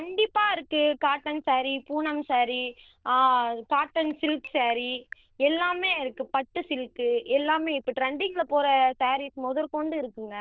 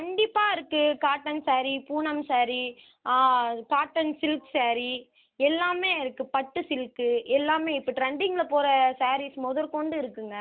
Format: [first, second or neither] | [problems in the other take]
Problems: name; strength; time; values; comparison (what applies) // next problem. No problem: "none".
second | noise reduction (neural diffusion model UNIVERSE++)